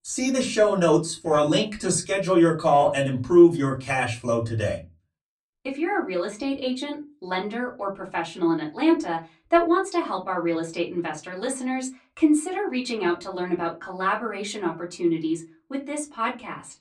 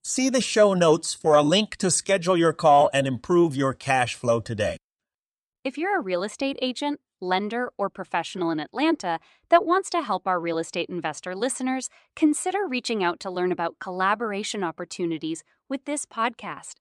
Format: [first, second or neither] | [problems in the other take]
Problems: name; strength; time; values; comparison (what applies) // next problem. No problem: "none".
second | off-mic speech; far // room echo; very slight; dies away in 0.3 s